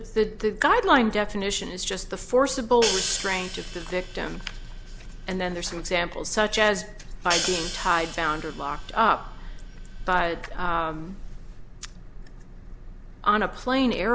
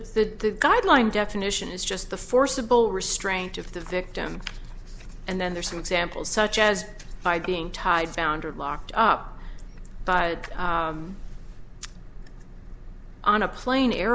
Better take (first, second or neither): second